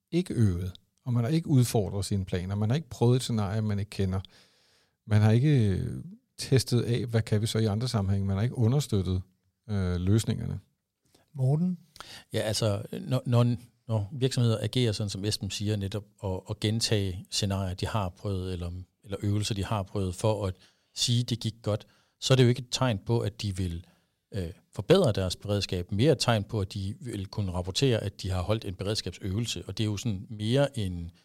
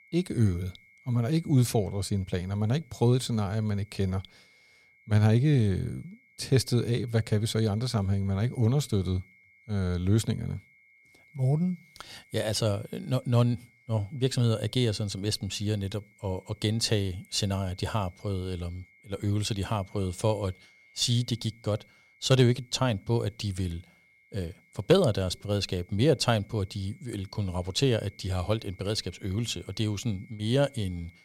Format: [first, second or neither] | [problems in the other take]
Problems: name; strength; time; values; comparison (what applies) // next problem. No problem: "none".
first | high-pitched whine; faint; throughout; 2 kHz, 30 dB below the speech